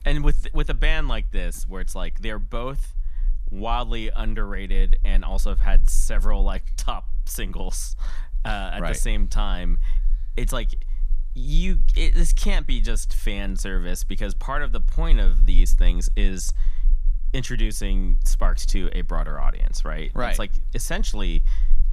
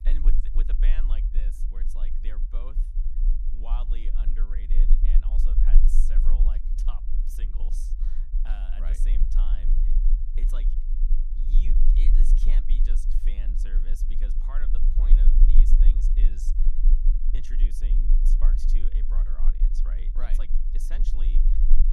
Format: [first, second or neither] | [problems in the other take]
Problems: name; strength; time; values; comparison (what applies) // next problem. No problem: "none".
first | low rumble; loud; throughout; 3 dB below the speech; faint in the first